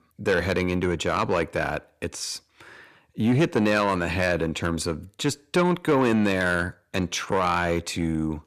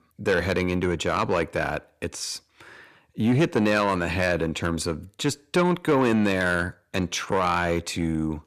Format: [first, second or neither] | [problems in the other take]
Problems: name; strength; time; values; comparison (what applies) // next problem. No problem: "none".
neither | distortion; slight; 10 dB below the speech; the same in both